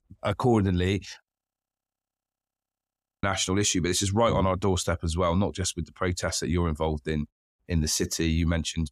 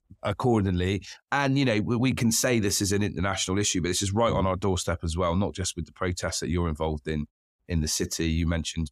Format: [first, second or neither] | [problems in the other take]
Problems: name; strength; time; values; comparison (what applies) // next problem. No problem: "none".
second | audio freezing; at 1.5 s for 2 s